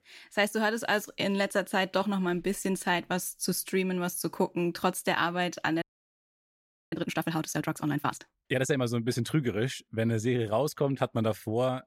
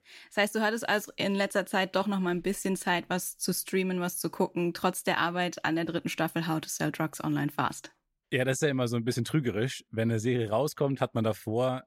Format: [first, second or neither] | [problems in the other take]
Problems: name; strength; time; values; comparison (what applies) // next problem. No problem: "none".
second | audio freezing; at 6 s for 1 s